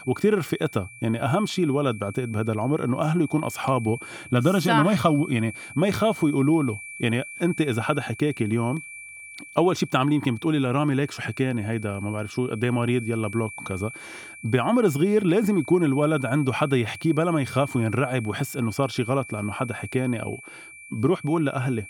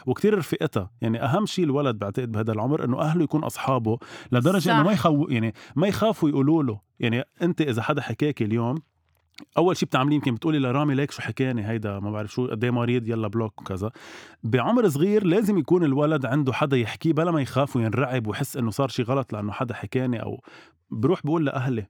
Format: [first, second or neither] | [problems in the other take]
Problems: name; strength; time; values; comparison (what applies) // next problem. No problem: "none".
second | high-pitched whine; noticeable; throughout; 2.5 kHz, 15 dB below the speech